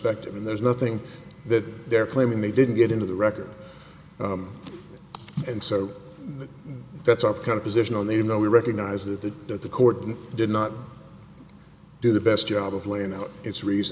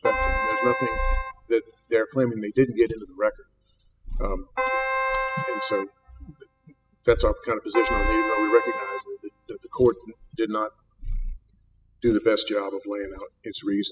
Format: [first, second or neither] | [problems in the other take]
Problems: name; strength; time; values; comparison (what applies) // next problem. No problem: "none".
first | noise reduction (classical method spectral subtraction)